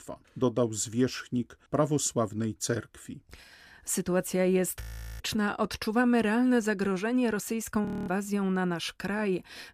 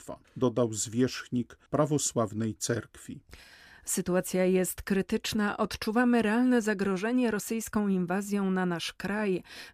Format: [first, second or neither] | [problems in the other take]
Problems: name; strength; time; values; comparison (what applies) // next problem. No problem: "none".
second | audio freezing; at 5 s and at 8 s